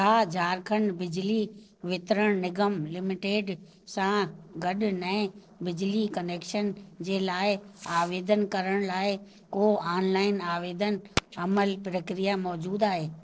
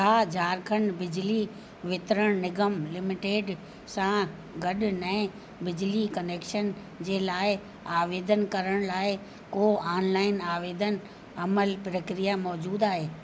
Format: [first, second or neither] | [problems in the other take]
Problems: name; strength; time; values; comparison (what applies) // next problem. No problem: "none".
second | noise reduction (neural separator model SepFormer DNS4)